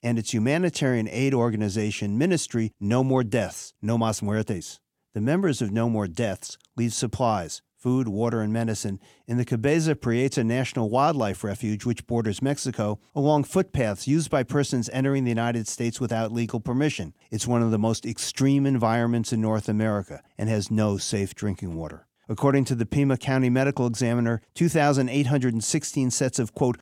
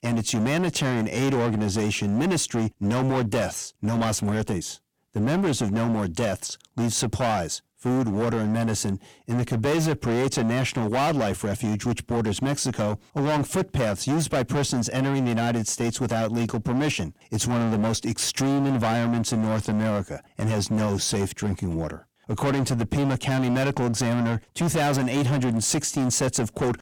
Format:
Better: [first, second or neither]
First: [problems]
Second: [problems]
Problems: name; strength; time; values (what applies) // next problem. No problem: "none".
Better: first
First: none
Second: distortion; heavy; 24% of the sound clipped